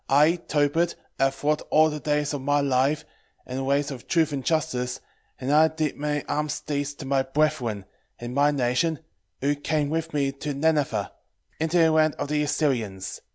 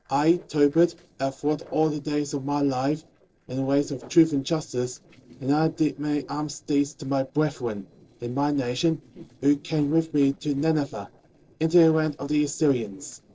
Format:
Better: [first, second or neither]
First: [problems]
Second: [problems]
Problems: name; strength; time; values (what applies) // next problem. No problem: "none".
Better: first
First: none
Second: noise reduction (neural separator model SepFormer DNS4)